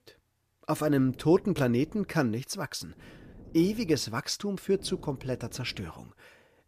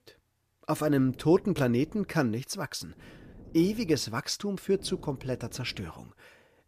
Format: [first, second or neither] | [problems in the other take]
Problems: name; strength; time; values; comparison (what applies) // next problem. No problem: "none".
neither | wind noise on the microphone; occasional gusts; from 1 to 2 s, from 3 to 4 s and from 4.5 to 6 s; 25 dB below the speech; the same in both